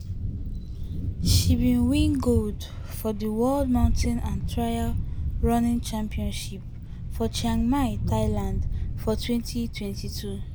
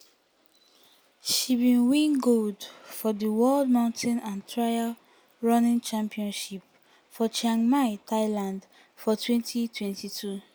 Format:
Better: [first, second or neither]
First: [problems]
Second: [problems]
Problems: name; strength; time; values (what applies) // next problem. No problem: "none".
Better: second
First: background sound (Thunder); as loud as the speech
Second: none